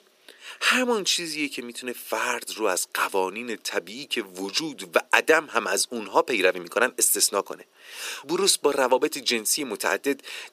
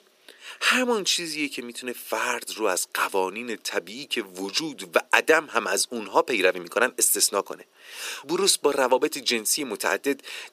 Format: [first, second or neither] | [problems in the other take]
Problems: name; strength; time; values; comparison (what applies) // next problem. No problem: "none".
neither | thin; somewhat; fading below 350 Hz; the same in both